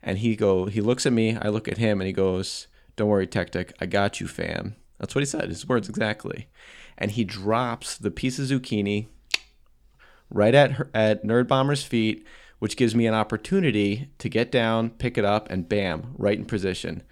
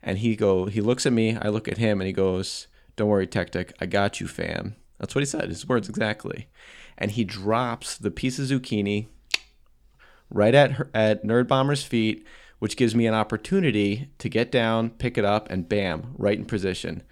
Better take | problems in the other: neither | none

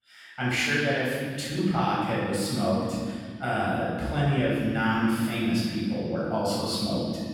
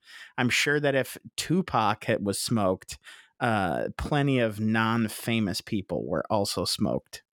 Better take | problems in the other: second | off-mic speech; far // room echo; strong; dies away in 2.1 s

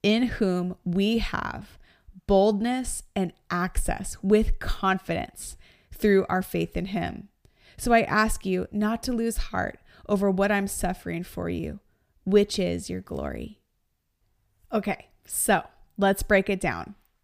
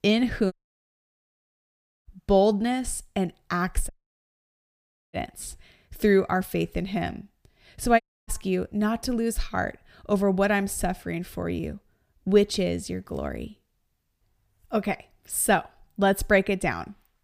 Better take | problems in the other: first | audio cutting out; at 0.5 s for 1.5 s, at 4 s for 1 s and at 8 s

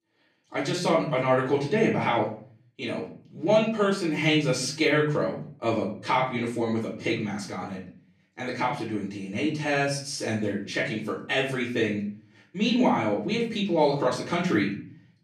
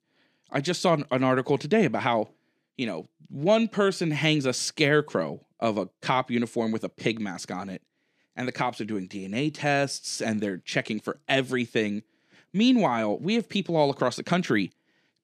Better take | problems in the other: second | off-mic speech; far // room echo; slight; dies away in 0.5 s

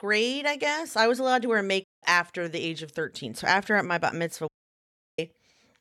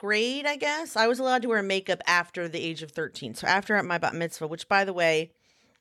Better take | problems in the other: second | audio cutting out; at 2 s and at 4.5 s for 0.5 s

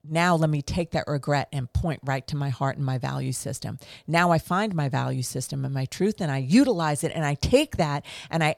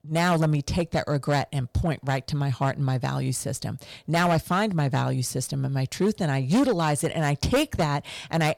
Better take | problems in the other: first | distortion; slight; 7% of the sound clipped

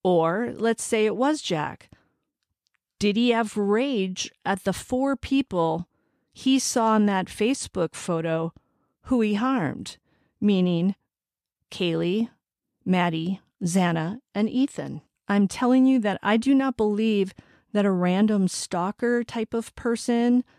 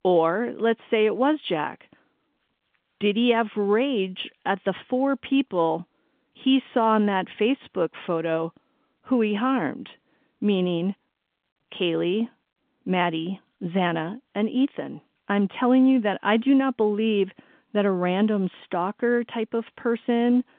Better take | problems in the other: first | phone-call audio; nothing above 3.5 kHz

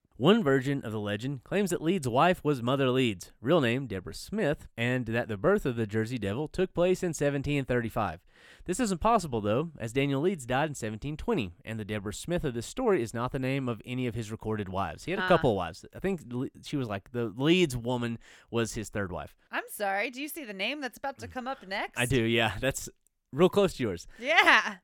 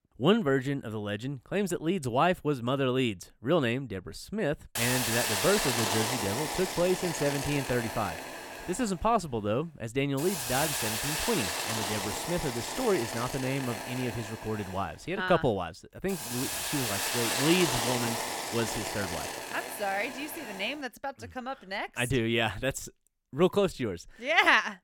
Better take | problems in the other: first | hiss; loud; from 5 to 21 s; 1 dB below the speech

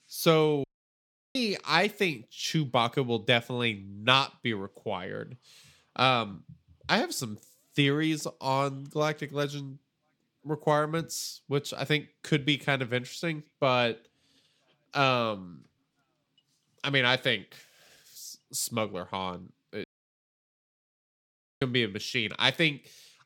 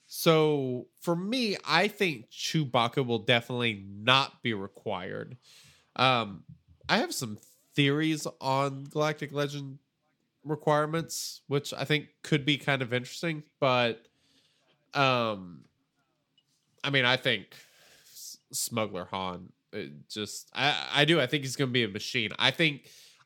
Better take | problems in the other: second | audio cutting out; at 0.5 s for 0.5 s and at 20 s for 2 s

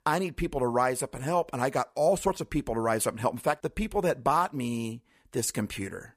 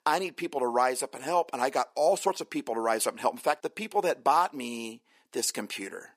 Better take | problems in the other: first | thin; somewhat; fading below 300 Hz

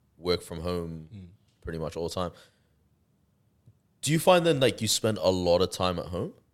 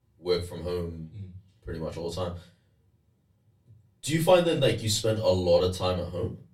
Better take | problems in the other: first | off-mic speech; far // room echo; very slight; dies away in 0.3 s

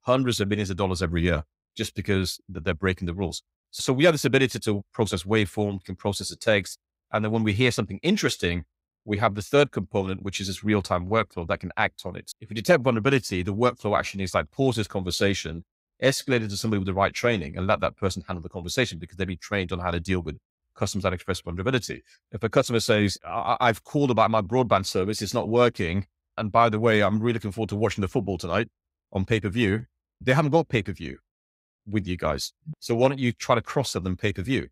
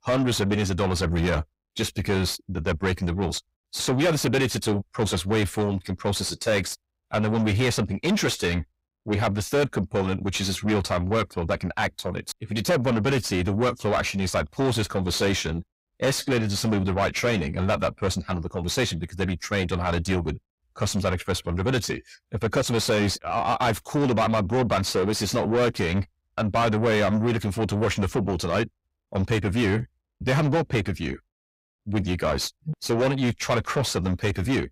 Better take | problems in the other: first | distortion; heavy; 6 dB below the speech

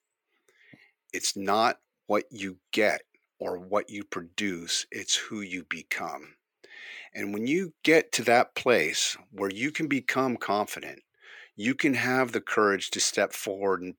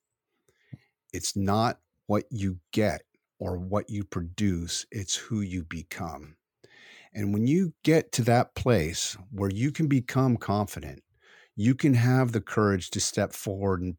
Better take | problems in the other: second | thin; somewhat; fading below 400 Hz

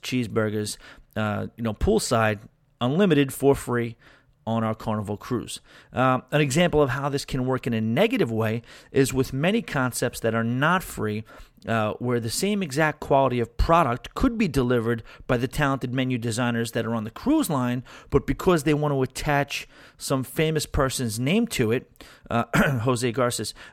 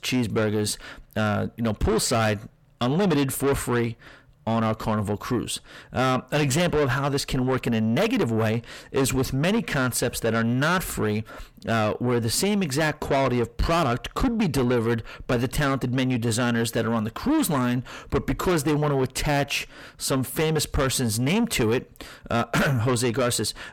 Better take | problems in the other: first | distortion; heavy; 7 dB below the speech

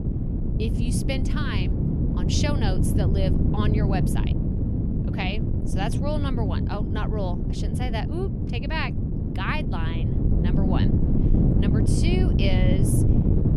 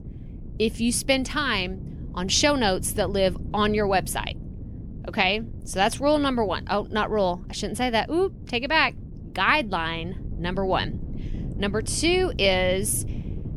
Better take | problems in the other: second | wind noise on the microphone; heavy; 1 dB below the speech; occasional gusts in the second

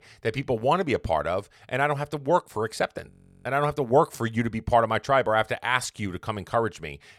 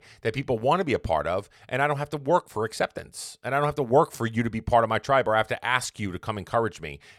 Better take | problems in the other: second | audio freezing; at 3 s

